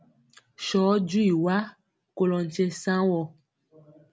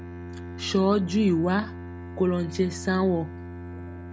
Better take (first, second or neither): first